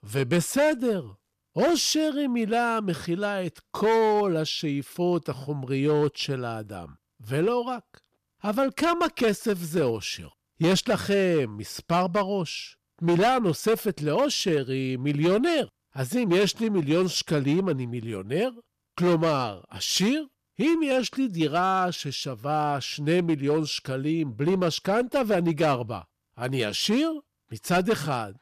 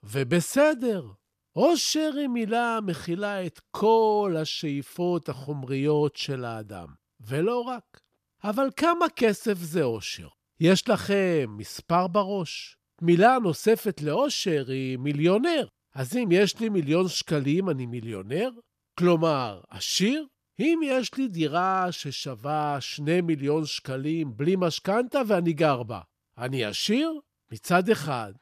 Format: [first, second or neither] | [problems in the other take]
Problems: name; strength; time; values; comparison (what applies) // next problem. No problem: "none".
second | distortion; slight; 6% of the sound clipped